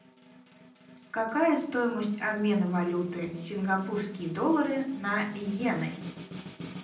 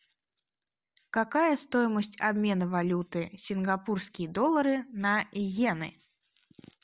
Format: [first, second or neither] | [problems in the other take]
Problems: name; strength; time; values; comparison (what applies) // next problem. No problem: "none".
second | background sound (Snare drum); 16 dB below the speech // room echo; dies away in 0.6 s